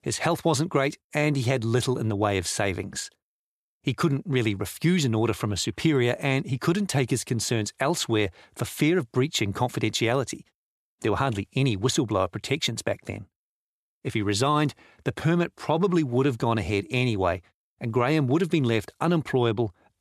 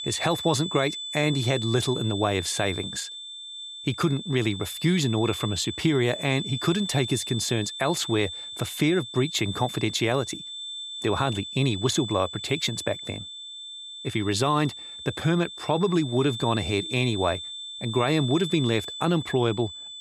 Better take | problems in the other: first | high-pitched whine; loud; throughout; 3.5 kHz, 8 dB below the speech

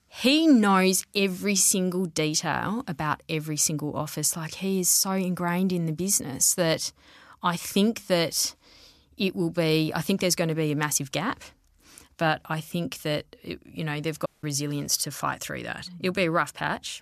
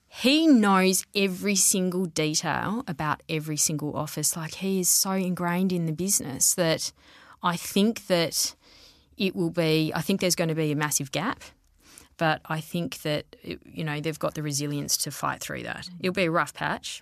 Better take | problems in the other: second | audio cutting out; at 14 s

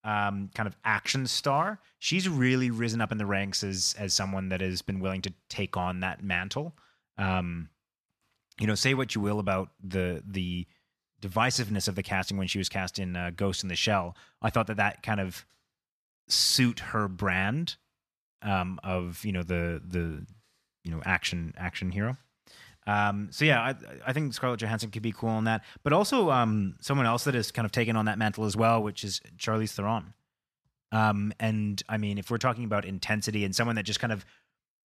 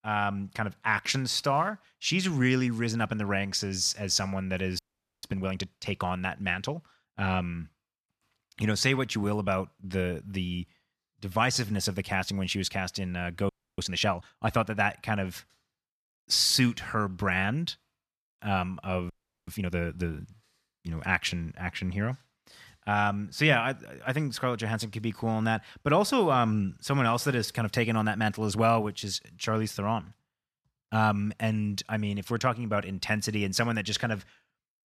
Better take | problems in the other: first | audio freezing; at 5 s, at 13 s and at 19 s

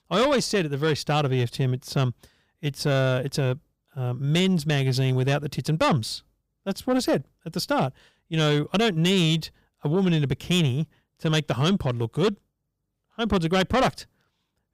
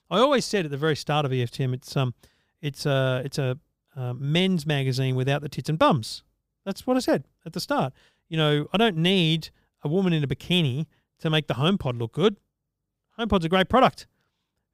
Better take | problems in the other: second | distortion; slight; 10 dB below the speech

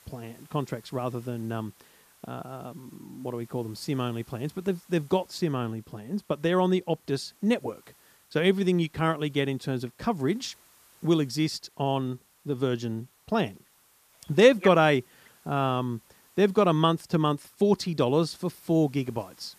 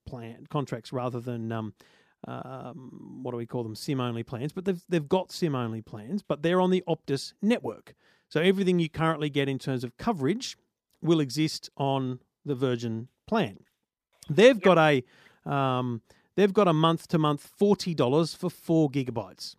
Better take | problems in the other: second | hiss; faint; throughout; 30 dB below the speech

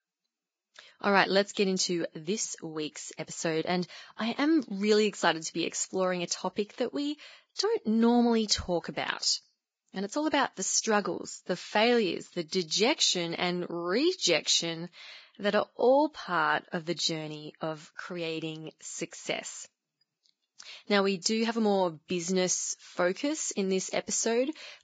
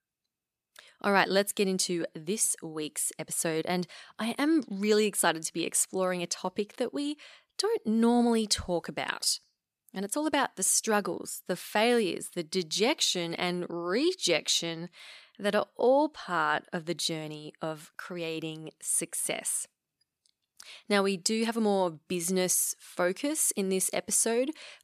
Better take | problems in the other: second | garbled, watery; badly; nothing above 7.5 kHz

